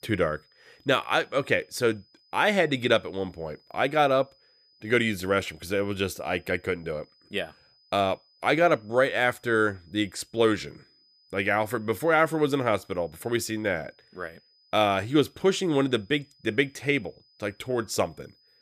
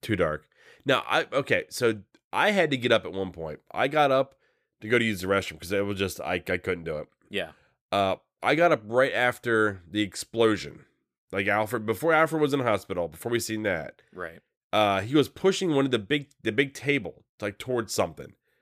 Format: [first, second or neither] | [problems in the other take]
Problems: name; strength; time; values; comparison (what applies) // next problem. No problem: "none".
second | high-pitched whine; faint; throughout; 5 kHz, 35 dB below the speech